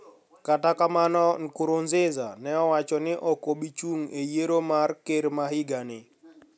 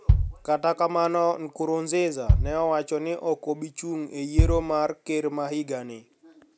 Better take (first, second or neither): first